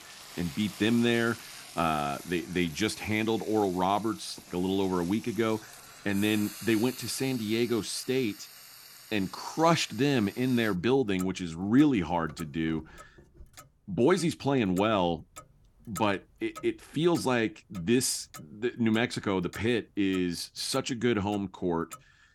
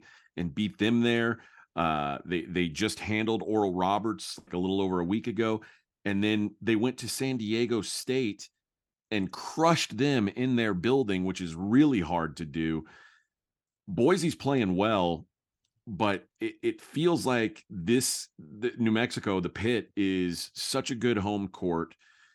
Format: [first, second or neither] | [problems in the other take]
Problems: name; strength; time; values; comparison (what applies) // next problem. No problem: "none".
second | household noises; noticeable; throughout; 20 dB below the speech